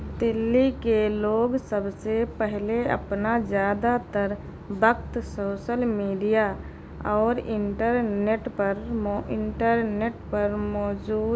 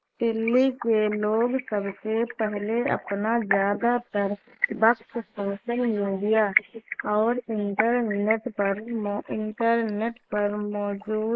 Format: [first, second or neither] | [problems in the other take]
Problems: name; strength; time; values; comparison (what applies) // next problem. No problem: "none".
first | noise reduction (neural mask model Resemble Enhance denoiser)